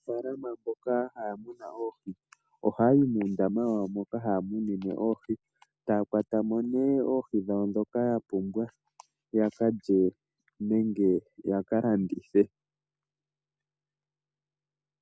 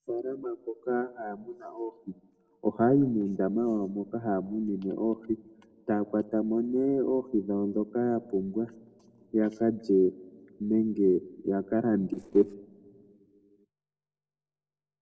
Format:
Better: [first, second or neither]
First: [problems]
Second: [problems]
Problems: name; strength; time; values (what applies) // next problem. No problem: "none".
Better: first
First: none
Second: noise reduction (neural separator model SepFormer DNS4)